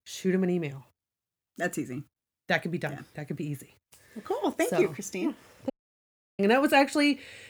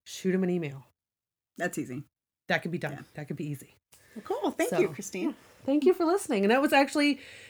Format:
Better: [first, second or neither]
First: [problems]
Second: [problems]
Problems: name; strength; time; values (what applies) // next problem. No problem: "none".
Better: second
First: audio cutting out; at 5.5 s for 0.5 s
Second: none